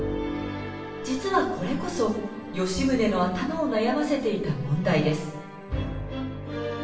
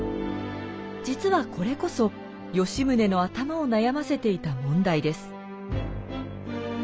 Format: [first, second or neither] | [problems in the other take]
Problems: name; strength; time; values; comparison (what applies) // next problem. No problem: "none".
second | room echo; dies away in 1 s